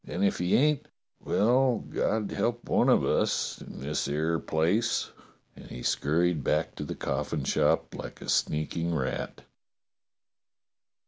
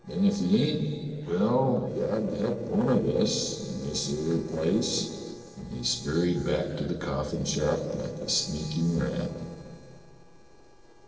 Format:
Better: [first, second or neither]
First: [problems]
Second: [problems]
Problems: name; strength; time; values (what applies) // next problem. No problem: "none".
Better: first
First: none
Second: noise reduction (neural separator model SepFormer DNS4)